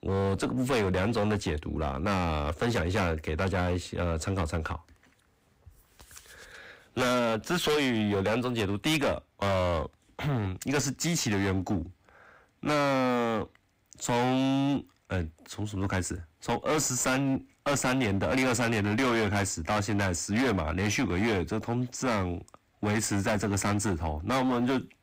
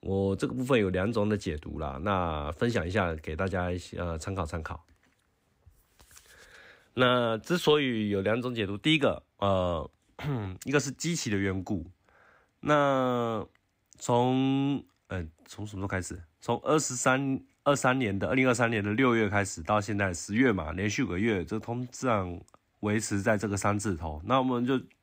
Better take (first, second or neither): second